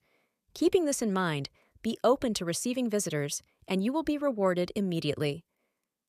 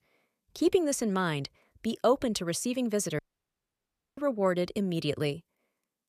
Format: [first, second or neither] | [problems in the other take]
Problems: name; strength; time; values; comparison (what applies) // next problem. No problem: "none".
first | audio cutting out; at 3 s for 1 s